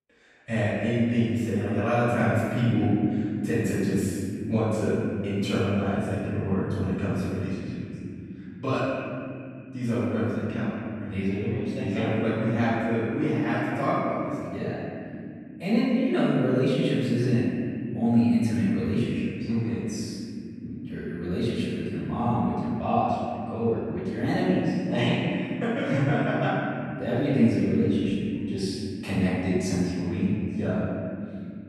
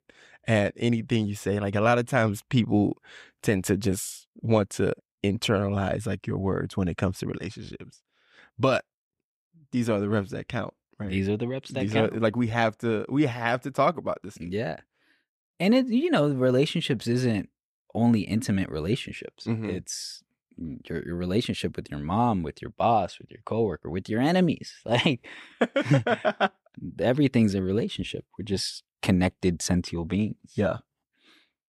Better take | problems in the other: second | room echo; strong; dies away in 3 s // off-mic speech; far

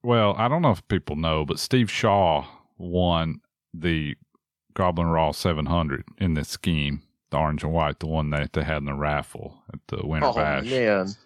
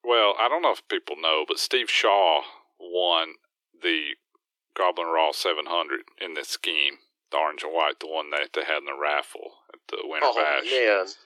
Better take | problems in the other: first | thin; very; fading below 300 Hz

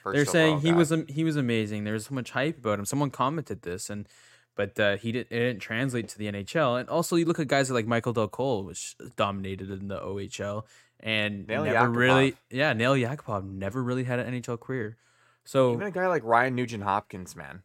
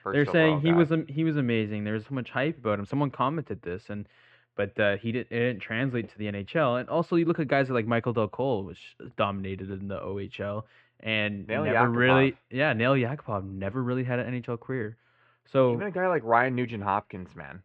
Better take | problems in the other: first | muffled; very; fading above 3 kHz

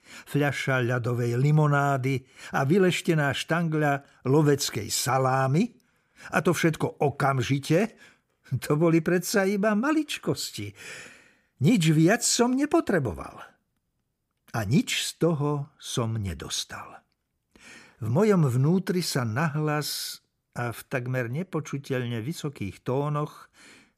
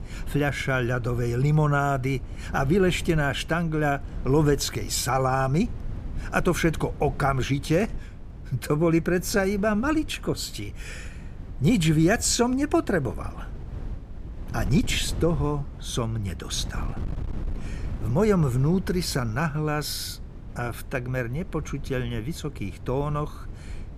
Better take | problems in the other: first | wind noise on the microphone; occasional gusts; 20 dB below the speech

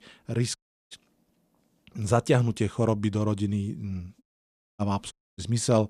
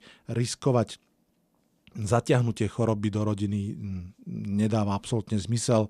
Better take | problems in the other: second | audio cutting out; at 0.5 s, at 4 s for 0.5 s and at 5 s

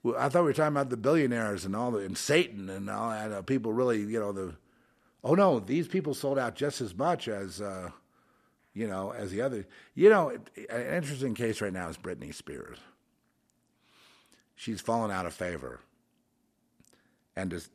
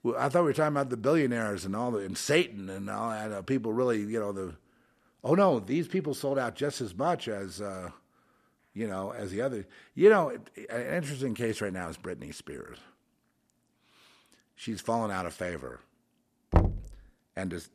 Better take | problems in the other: first | door banging; loud; at 17 s; peak 3 dB above the speech

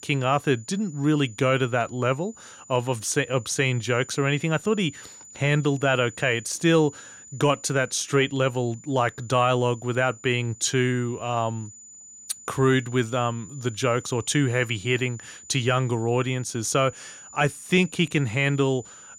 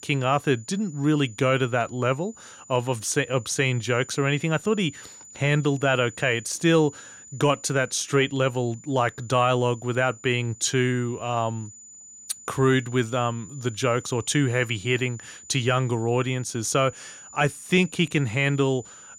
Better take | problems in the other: neither | high-pitched whine; noticeable; throughout; 7 kHz, 20 dB below the speech; the same in both

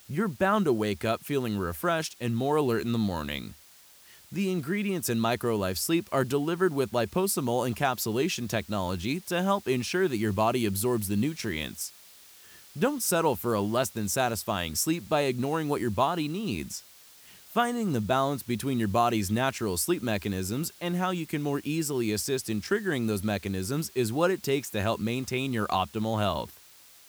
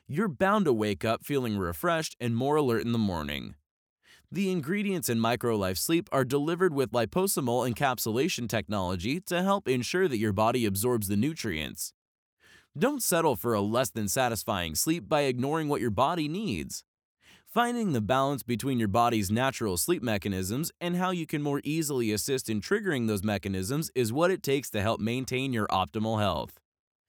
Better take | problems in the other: second | hiss; faint; throughout; 20 dB below the speech

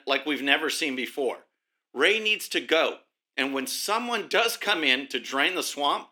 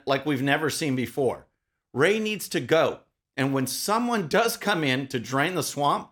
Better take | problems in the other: second | thin; very slightly; fading below 300 Hz

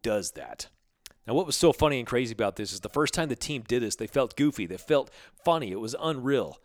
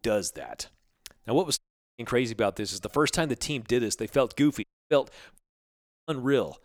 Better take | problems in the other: first | audio cutting out; at 1.5 s, at 4.5 s and at 5.5 s for 0.5 s

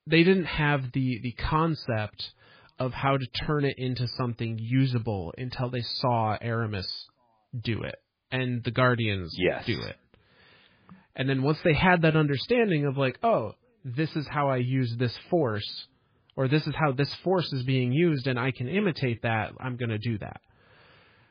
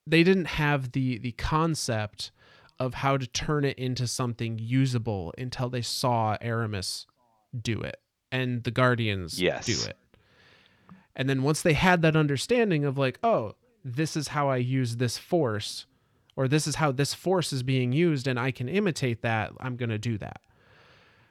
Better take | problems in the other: second | garbled, watery; badly; nothing above 5 kHz

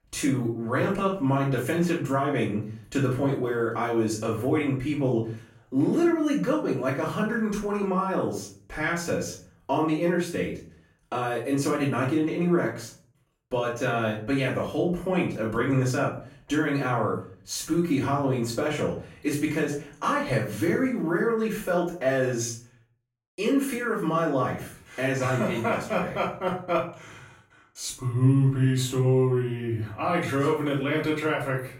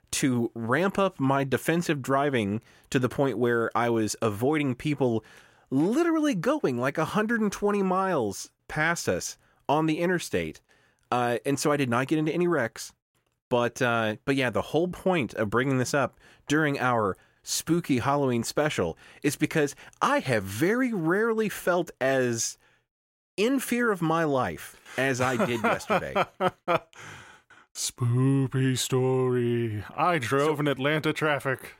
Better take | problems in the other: second | off-mic speech; far // room echo; slight; dies away in 0.4 s

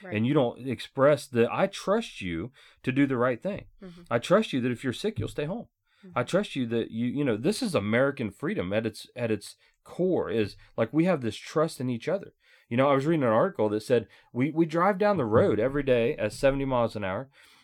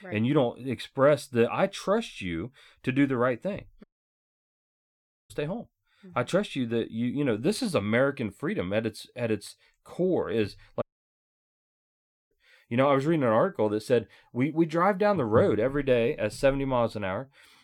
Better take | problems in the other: first | audio cutting out; at 4 s for 1.5 s and at 11 s for 1.5 s

